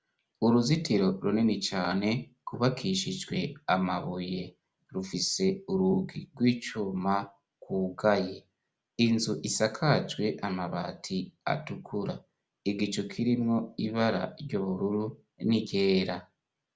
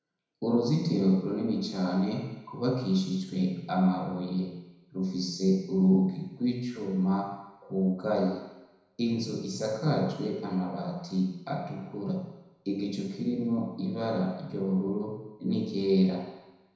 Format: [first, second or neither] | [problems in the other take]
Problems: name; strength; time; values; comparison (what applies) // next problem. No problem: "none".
first | room echo; dies away in 1 s